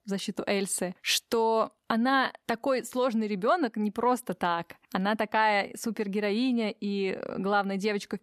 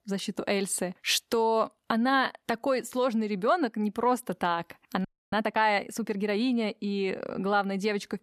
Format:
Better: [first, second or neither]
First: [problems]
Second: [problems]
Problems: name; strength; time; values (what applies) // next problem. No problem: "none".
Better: first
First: none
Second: audio freezing; at 5 s